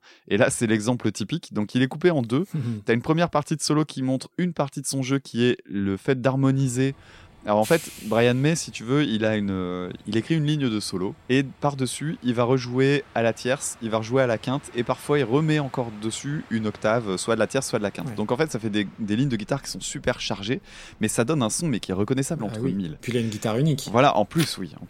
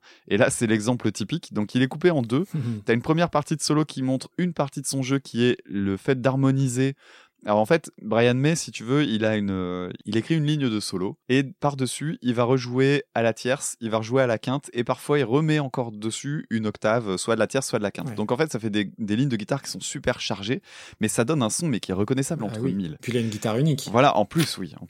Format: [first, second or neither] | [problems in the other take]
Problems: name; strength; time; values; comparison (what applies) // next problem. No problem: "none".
second | train or aircraft noise; faint; from 6.5 s on; 25 dB below the speech